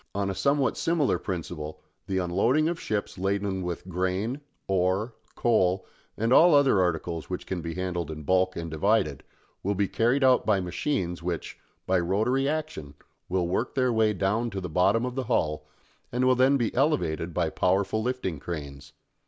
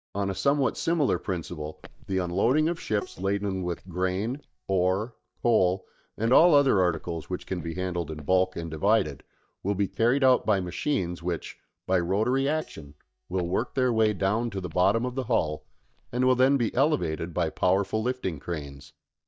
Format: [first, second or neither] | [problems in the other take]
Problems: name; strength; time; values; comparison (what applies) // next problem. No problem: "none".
first | noise reduction (neural mask model DeepFilterNet 3)